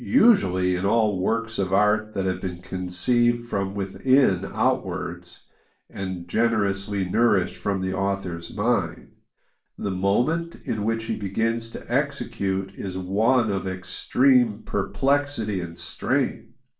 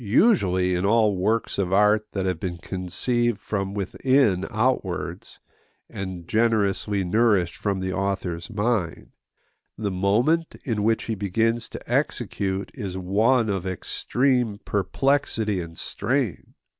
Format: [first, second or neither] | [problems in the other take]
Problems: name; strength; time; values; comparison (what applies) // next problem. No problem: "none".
second | room echo; dies away in 0.3 s